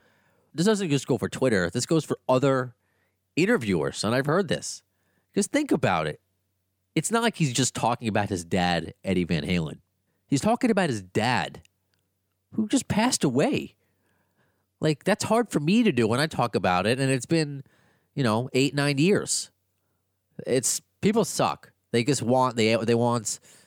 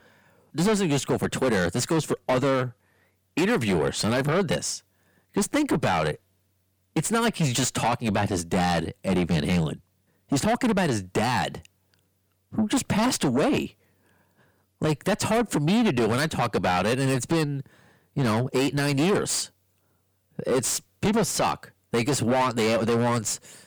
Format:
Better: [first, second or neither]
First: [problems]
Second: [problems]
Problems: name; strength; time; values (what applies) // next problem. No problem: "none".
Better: first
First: none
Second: distortion; heavy; 7 dB below the speech